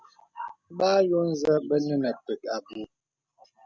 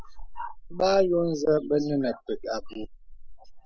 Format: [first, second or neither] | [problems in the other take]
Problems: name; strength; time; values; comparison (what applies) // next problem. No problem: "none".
first | noise reduction (neural mask model Resemble Enhance denoiser)